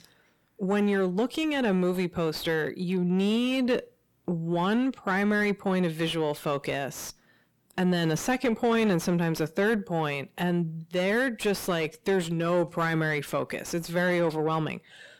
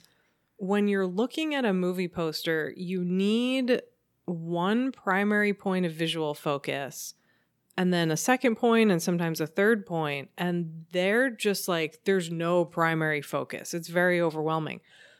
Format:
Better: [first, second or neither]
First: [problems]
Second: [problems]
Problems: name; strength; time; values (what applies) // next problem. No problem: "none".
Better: second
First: distortion; slight; 10 dB below the speech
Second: none